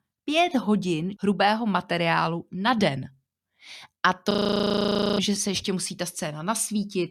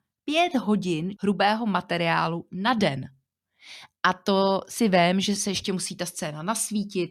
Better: second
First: audio freezing; at 4.5 s for 1 s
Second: none

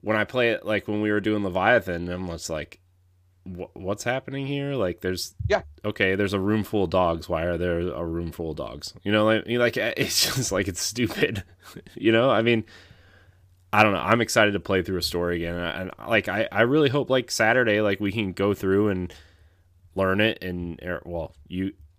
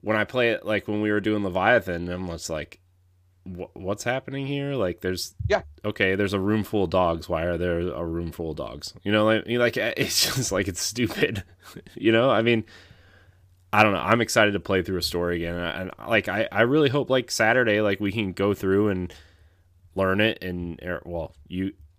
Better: neither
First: none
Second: none

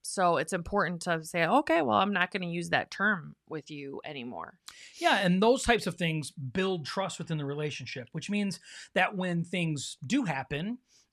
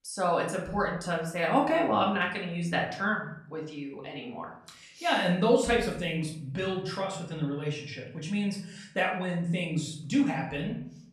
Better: first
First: none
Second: off-mic speech; far // room echo; slight; dies away in 0.6 s

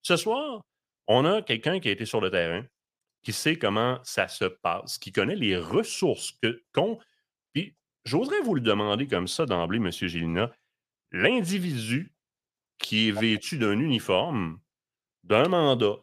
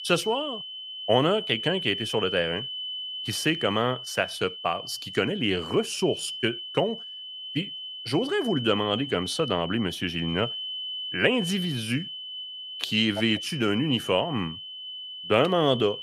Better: first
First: none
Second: high-pitched whine; loud; throughout; 3 kHz, 7 dB below the speech

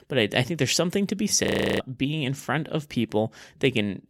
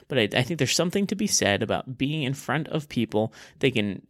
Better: second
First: audio freezing; at 1.5 s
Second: none

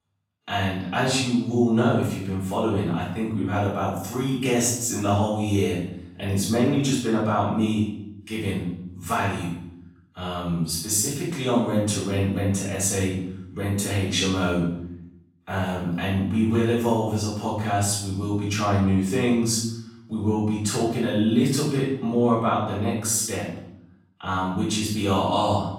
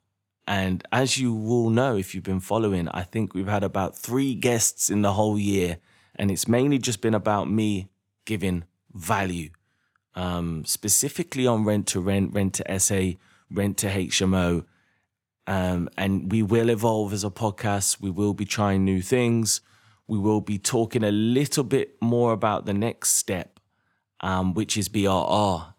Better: second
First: off-mic speech; far // room echo; noticeable; dies away in 0.7 s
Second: none

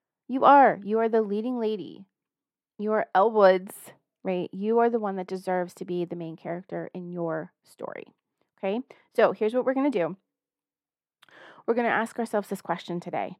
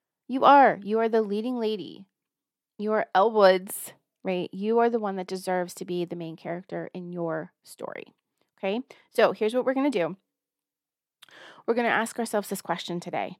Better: second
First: muffled; slightly; fading above 2.5 kHz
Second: none

